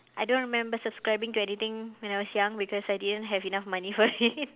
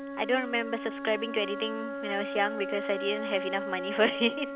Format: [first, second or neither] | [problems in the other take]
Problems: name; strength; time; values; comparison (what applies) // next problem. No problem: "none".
first | background sound (Wind instrument, woodwind instrument); 5 dB below the speech